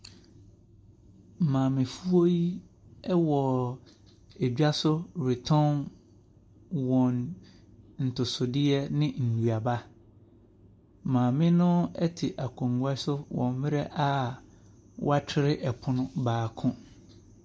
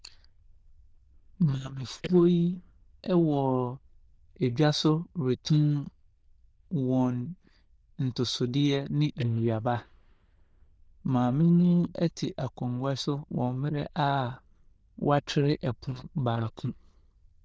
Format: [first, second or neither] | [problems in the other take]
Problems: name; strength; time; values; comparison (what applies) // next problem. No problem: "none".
first | noise reduction (neural diffusion model UNIVERSE++)